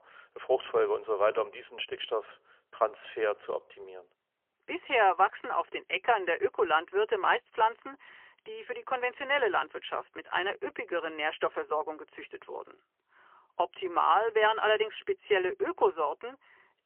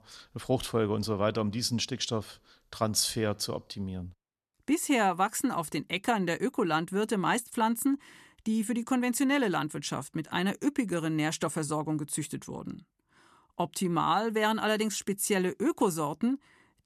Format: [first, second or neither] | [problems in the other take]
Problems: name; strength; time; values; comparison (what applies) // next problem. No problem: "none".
second | phone-call audio; poor line; nothing above 3 kHz